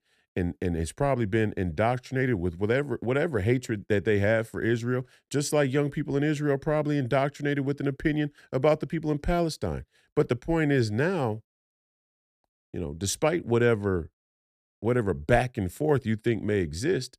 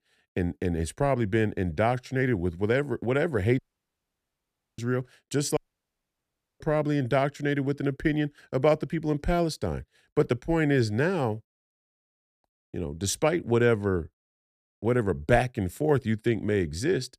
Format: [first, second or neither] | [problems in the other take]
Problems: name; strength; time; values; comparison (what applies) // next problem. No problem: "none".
first | audio cutting out; at 3.5 s for 1 s and at 5.5 s for 1 s